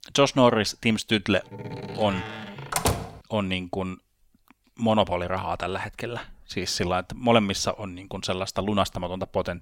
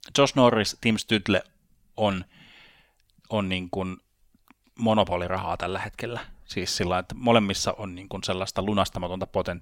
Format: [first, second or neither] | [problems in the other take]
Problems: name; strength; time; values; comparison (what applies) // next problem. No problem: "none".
second | door banging; loud; from 1.5 to 3 s; peak level with the speech